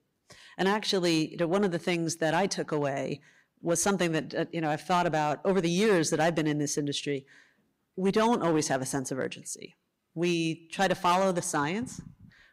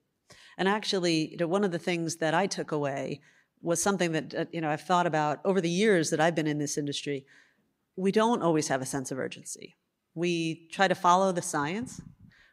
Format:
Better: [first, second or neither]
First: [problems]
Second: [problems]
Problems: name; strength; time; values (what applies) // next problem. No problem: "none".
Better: second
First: distortion; slight; 3% of the sound clipped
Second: none